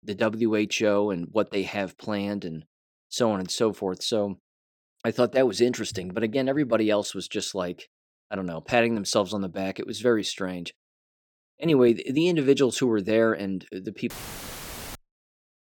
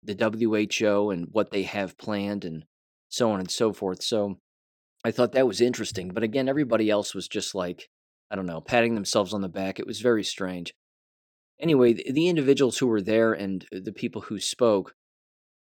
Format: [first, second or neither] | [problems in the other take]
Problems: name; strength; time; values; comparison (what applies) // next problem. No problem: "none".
second | audio cutting out; filled with static; at 14 s for 1 s